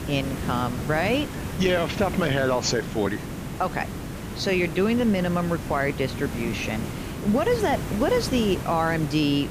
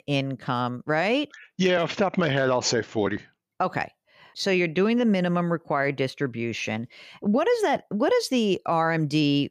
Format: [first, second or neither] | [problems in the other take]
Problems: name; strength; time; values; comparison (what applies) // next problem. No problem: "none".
second | hiss; loud; throughout; 7 dB below the speech